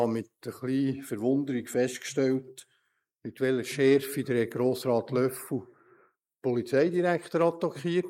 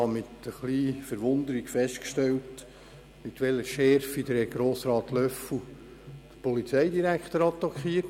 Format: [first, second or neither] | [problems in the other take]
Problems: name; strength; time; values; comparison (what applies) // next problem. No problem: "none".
second | noise reduction (neural mask model Resemble Enhance denoiser)